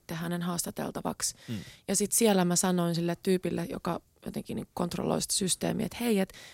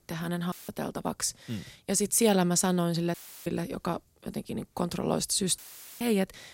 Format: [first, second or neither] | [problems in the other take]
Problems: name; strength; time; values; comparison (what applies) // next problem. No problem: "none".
first | audio cutting out; filled with static; at 0.5 s, at 3 s and at 5.5 s